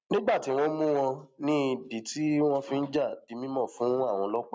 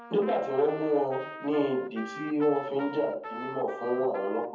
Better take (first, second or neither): first